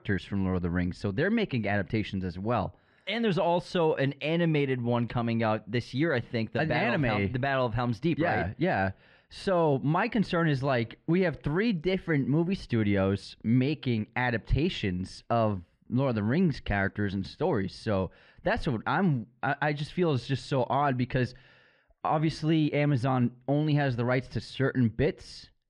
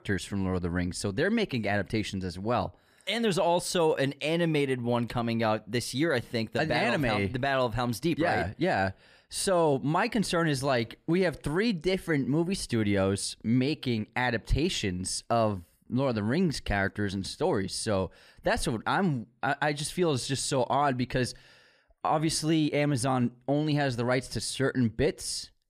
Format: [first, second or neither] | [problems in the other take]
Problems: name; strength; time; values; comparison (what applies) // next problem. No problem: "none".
second | muffled; slightly; fading above 3 kHz